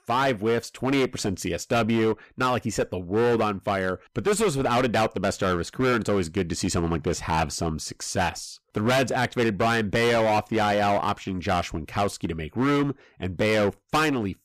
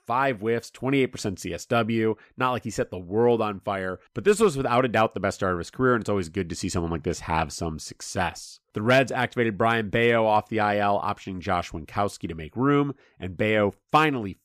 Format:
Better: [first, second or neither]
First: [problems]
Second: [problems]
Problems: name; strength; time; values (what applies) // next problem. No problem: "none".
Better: second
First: distortion; heavy; 15% of the sound clipped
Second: none